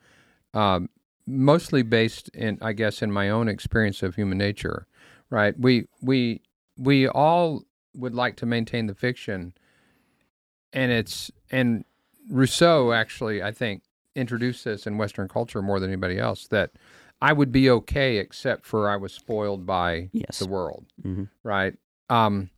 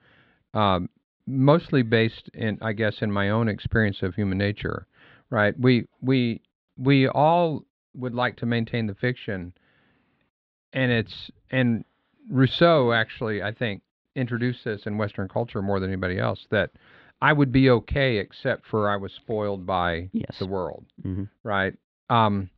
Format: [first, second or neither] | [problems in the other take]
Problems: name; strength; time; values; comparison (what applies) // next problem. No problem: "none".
first | muffled; very slightly; fading above 3.5 kHz